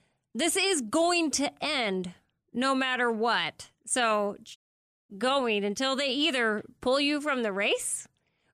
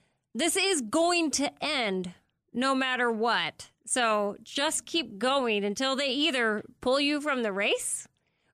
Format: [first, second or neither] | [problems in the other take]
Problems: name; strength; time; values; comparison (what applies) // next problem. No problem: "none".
second | audio cutting out; at 4.5 s for 0.5 s